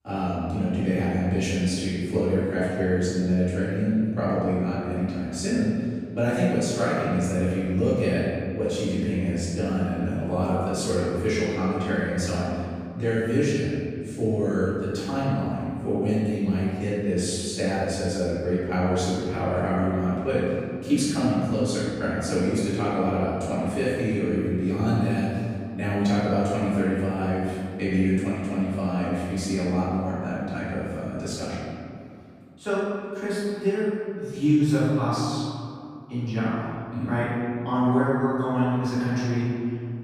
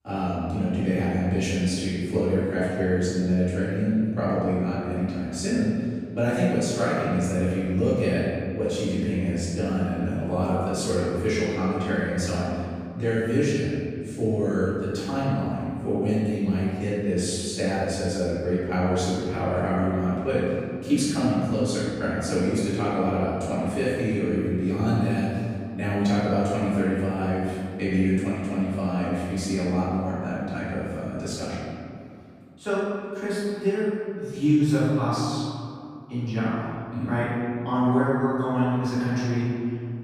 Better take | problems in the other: neither | off-mic speech; far; the same in both // room echo; strong; dies away in 2.3 s; the same in both

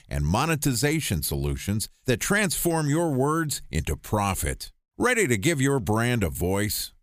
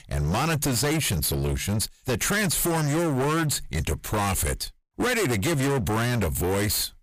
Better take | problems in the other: first | distortion; heavy; 33% of the sound clipped

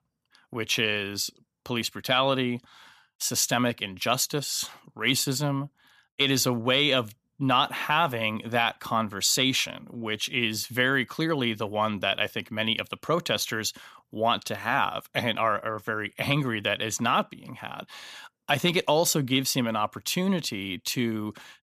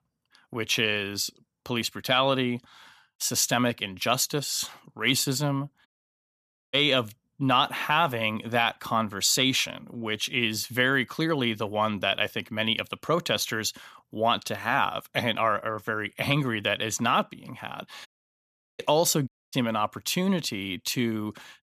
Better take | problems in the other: first | audio cutting out; at 6 s for 1 s, at 18 s for 0.5 s and at 19 s

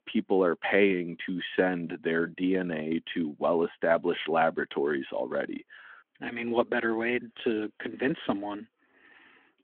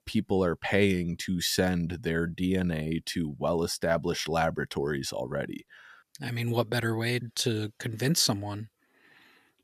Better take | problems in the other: second | phone-call audio

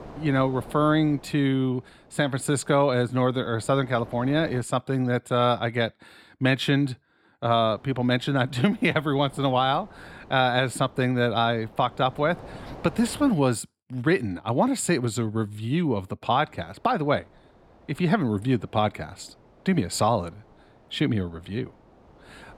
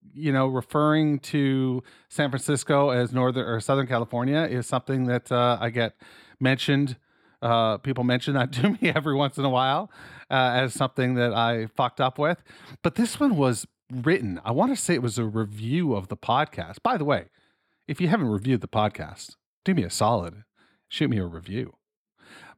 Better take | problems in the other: second | wind noise on the microphone; occasional gusts; until 4.5 s, from 7.5 to 13 s and from 16 s on; 25 dB below the speech

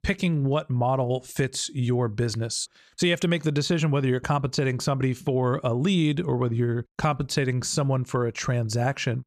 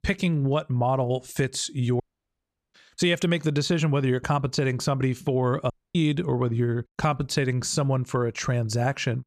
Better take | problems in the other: first | audio cutting out; at 2 s for 0.5 s and at 5.5 s

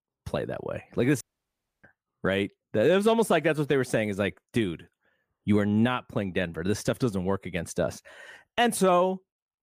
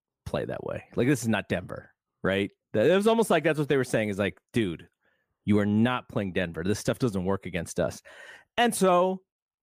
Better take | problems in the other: second | audio cutting out; at 1 s for 0.5 s

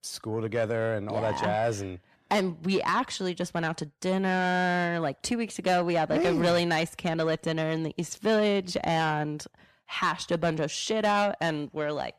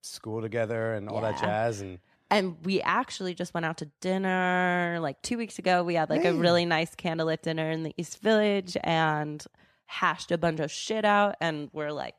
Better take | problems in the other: second | distortion; slight; 10 dB below the speech

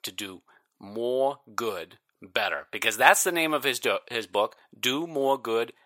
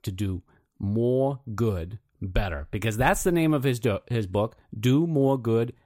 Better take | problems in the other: second | thin; very; fading below 700 Hz

